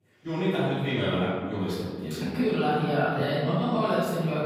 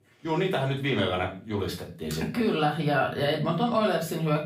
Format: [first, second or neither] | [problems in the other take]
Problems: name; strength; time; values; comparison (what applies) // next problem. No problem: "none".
second | room echo; strong; dies away in 1.5 s; slight in the second // off-mic speech; far; far in the second